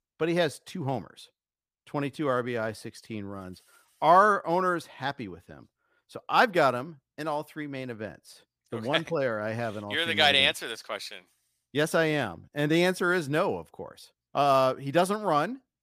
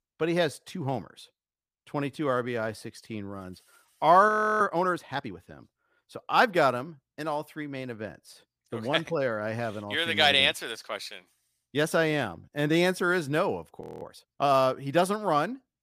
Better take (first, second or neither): first